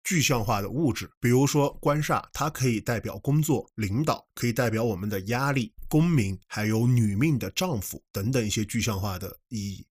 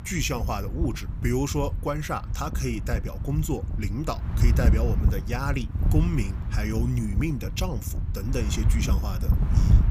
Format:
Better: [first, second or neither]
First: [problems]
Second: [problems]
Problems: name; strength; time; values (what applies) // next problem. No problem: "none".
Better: first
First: none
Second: wind noise on the microphone; heavy; 9 dB below the speech